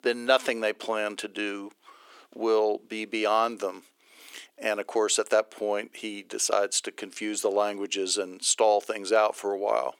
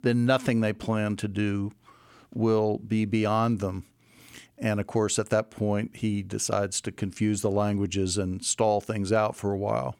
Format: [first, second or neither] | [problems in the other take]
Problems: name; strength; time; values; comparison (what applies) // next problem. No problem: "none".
second | thin; very; fading below 350 Hz